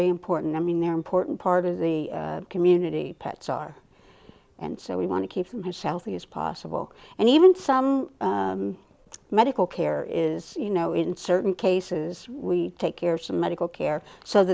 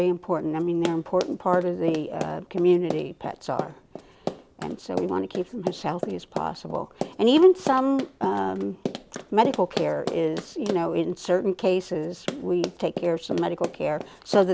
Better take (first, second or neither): first